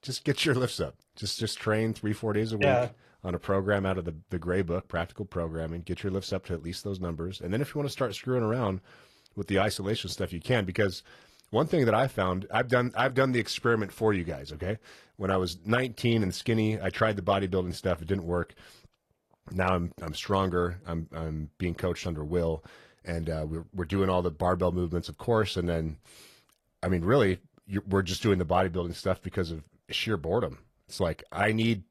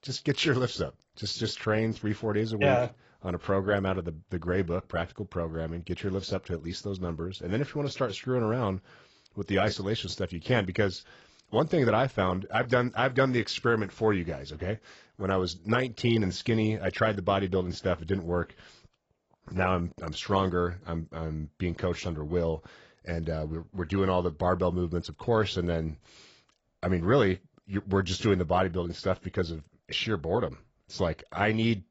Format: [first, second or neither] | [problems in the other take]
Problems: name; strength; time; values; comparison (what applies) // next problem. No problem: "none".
first | garbled, watery; badly; nothing above 7.5 kHz; slightly in the first